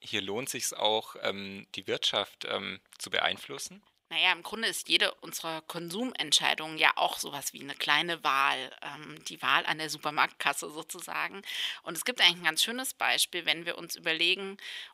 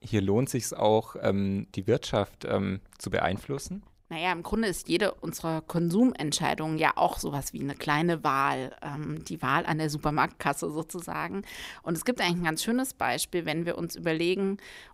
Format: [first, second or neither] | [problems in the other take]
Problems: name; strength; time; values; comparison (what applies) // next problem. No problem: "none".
second | thin; somewhat; fading below 1 kHz